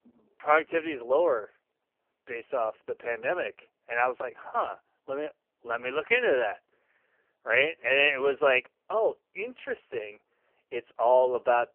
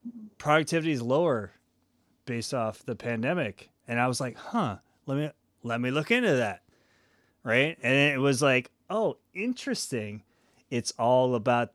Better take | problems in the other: second | phone-call audio; poor line; nothing above 3 kHz

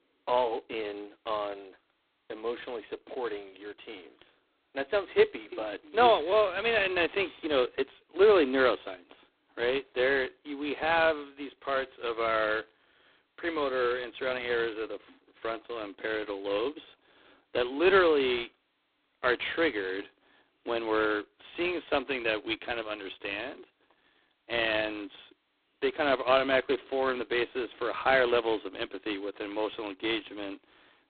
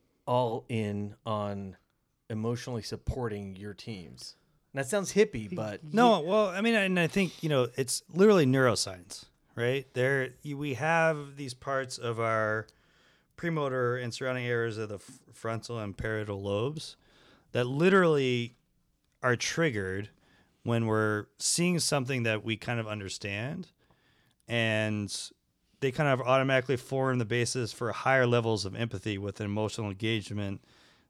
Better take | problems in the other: second | phone-call audio; poor line; nothing above 4 kHz

